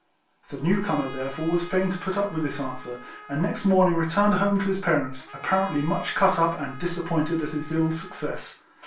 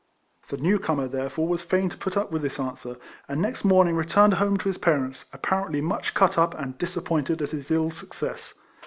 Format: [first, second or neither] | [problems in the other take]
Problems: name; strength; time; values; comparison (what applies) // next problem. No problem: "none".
second | background sound (Trumpet); 19 dB below the speech // room echo; dies away in 0.2 s